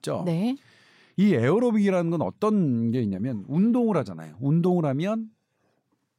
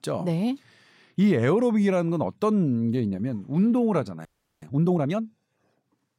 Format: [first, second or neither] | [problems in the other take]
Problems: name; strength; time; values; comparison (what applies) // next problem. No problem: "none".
first | audio freezing; at 4.5 s